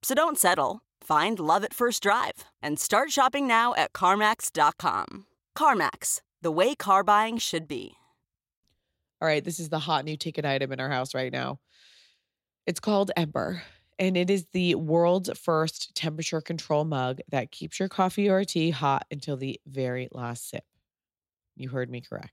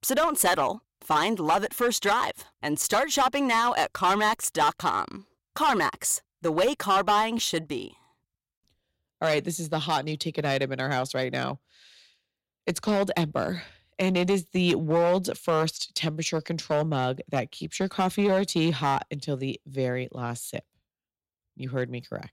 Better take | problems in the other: first | distortion; slight; 5% of the sound clipped

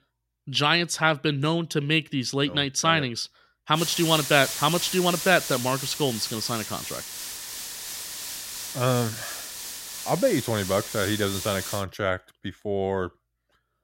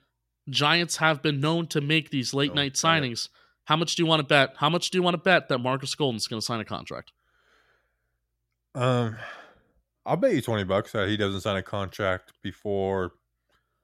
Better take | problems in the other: second | hiss; loud; from 4 to 12 s; 7 dB below the speech

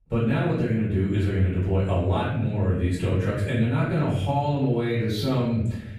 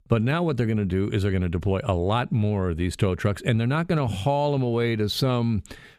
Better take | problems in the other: second | off-mic speech; far // room echo; noticeable; dies away in 0.8 s

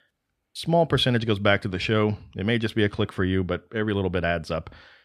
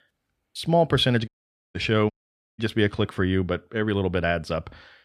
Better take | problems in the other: first | audio cutting out; at 1.5 s and at 2 s

